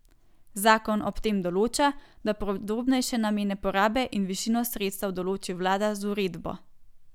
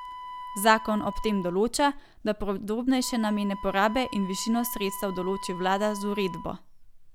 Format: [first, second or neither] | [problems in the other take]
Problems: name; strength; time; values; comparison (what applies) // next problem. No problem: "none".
first | background sound (Wind instrument, woodwind instrument); 14 dB below the speech